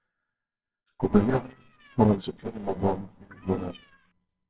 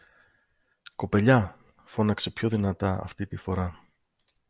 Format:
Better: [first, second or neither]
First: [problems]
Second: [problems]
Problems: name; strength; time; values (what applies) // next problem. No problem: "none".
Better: second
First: noise reduction (neural separator model SepFormer WHAMR!)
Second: none